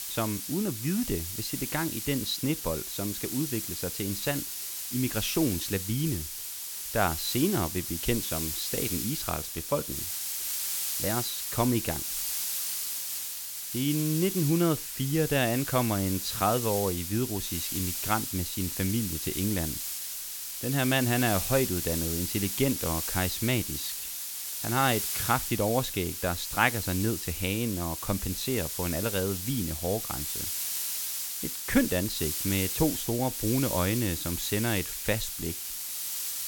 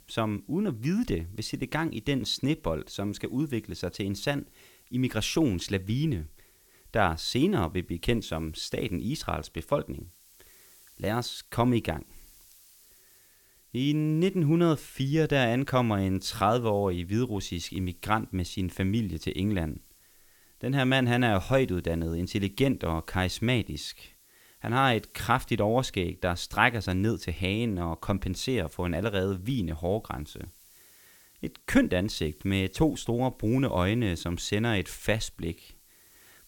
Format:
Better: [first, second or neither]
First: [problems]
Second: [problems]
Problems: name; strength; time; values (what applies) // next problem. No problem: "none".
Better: second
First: hiss; loud; throughout; 2 dB below the speech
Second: hiss; faint; throughout; 30 dB below the speech